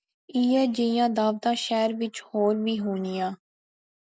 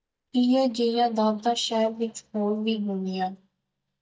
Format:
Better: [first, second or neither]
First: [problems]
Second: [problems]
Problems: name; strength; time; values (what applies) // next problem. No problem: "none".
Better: first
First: none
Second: noise reduction (neural mask model DeepFilterNet 3)